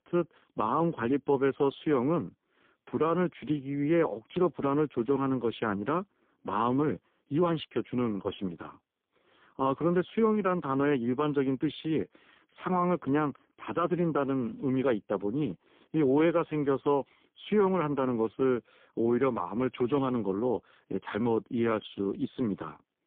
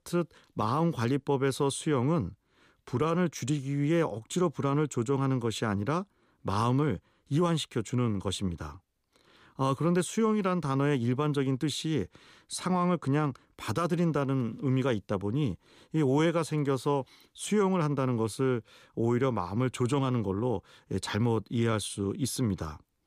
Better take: second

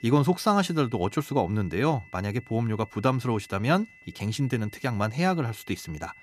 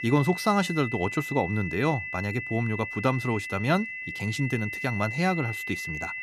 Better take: first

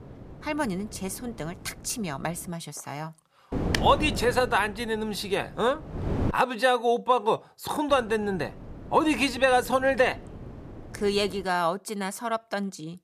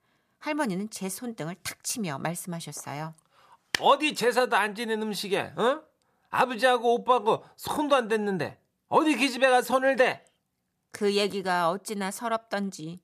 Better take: second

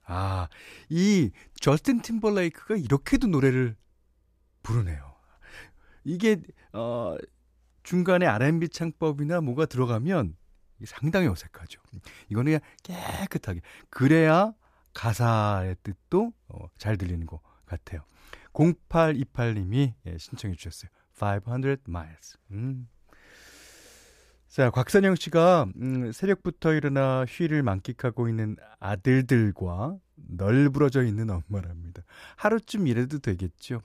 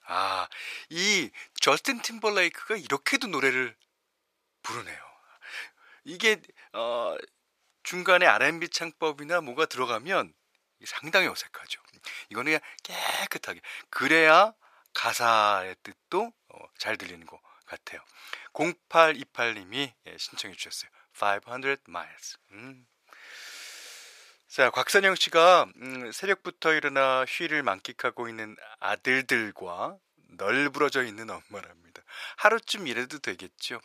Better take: first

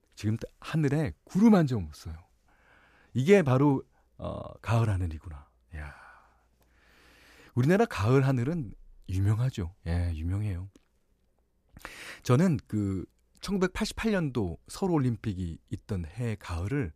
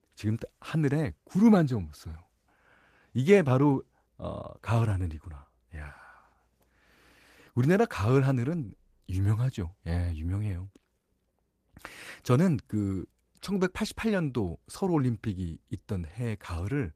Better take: first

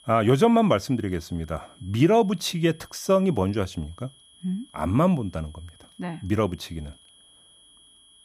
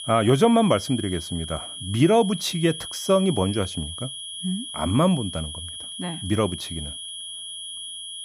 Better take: first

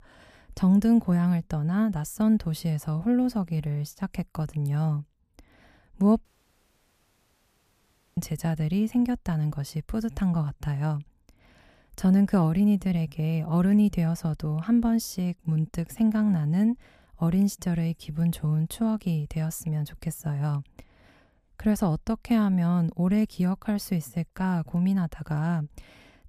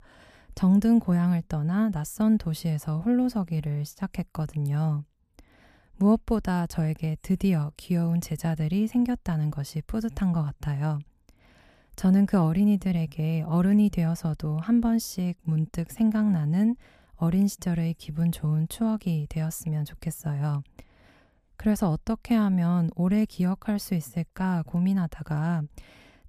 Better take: second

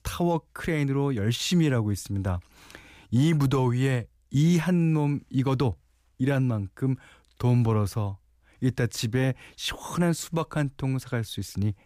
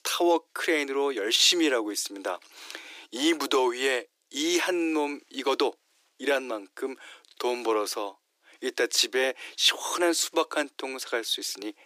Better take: first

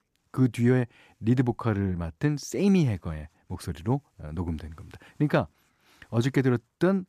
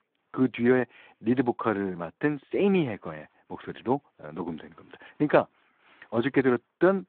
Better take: first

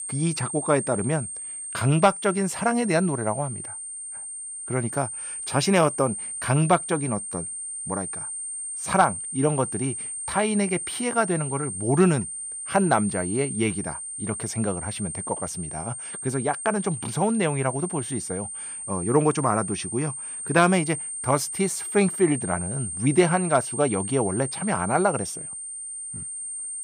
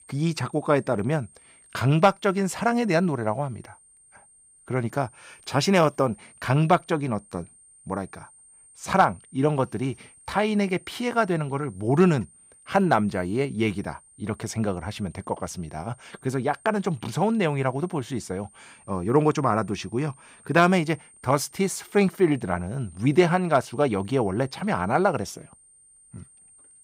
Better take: second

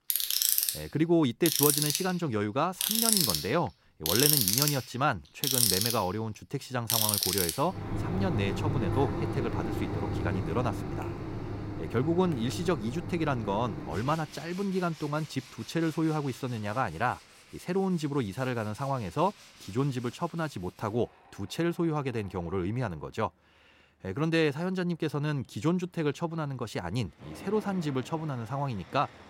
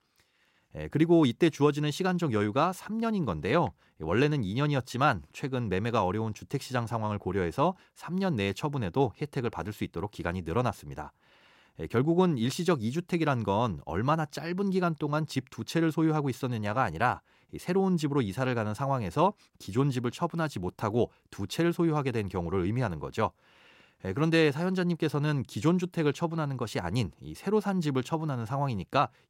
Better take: second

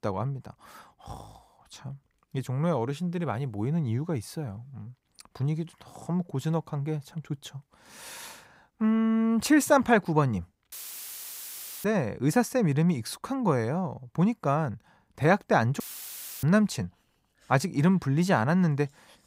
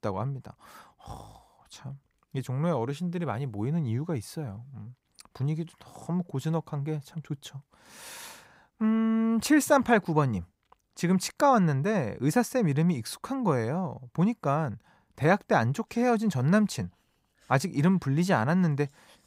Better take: second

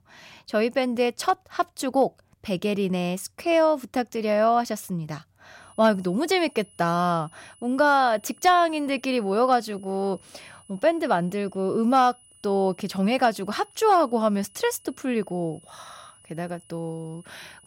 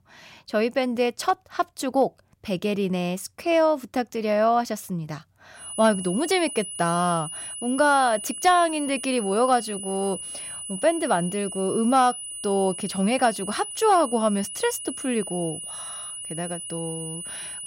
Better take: first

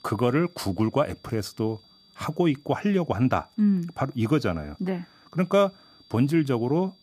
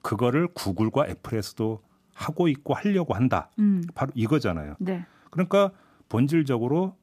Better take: second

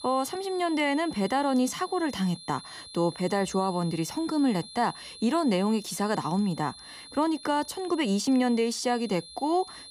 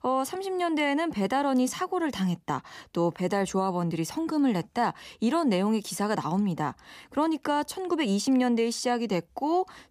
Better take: second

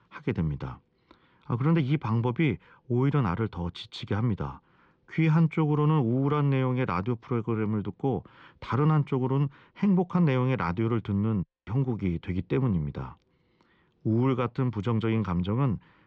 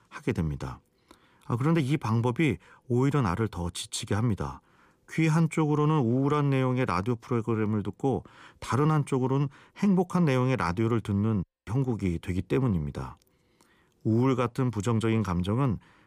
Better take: second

